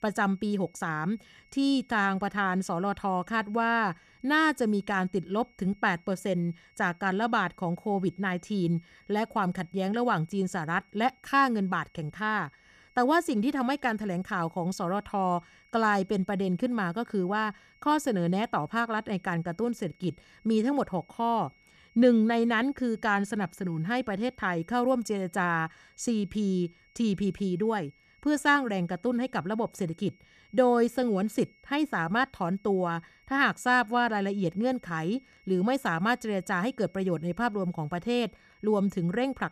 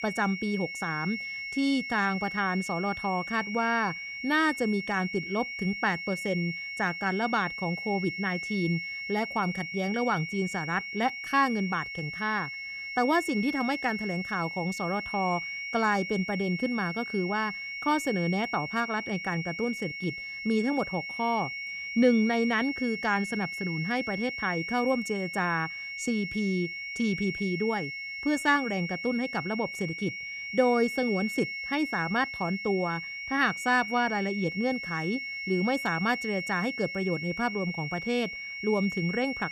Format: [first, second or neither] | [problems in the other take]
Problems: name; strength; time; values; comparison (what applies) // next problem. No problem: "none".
first | high-pitched whine; loud; throughout; 2 kHz, 5 dB below the speech; faint in the first